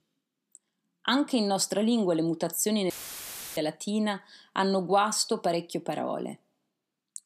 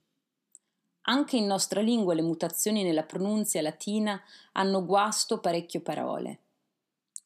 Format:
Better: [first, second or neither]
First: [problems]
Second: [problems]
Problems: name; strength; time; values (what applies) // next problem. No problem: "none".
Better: second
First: audio cutting out; filled with static; at 3 s for 0.5 s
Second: none